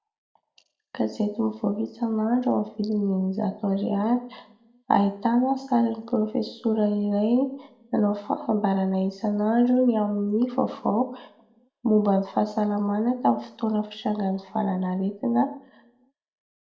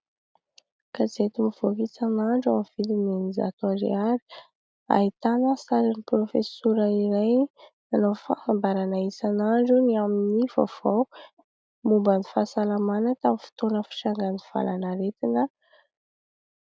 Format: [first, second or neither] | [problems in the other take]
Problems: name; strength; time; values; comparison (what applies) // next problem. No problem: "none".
second | room echo; dies away in 0.6 s